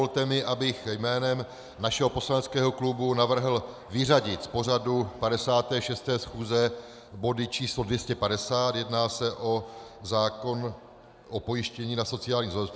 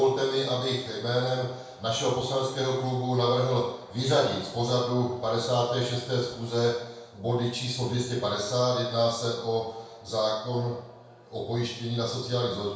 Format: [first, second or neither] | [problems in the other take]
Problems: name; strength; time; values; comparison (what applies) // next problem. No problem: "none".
first | room echo; dies away in 0.7 s